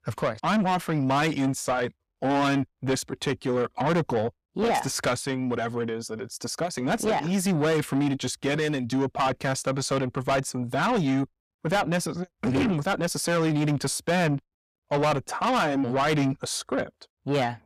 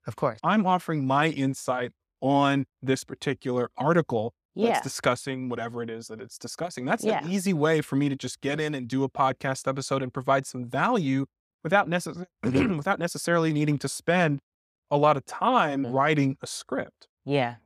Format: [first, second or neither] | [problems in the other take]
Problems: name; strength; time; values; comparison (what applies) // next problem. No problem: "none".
second | distortion; heavy; 7 dB below the speech